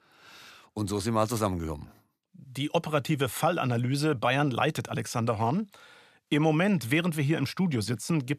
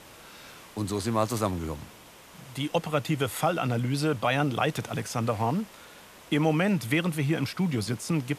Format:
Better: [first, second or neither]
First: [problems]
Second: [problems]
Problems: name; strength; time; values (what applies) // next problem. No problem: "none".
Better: first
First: none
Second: hiss; faint; throughout; 20 dB below the speech